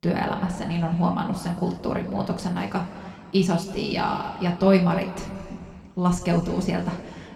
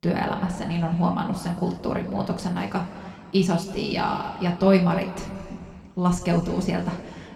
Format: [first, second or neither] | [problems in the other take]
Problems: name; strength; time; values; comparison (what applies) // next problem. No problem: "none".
neither | room echo; slight; dies away in 2.2 s; the same in both // off-mic speech; somewhat distant; the same in both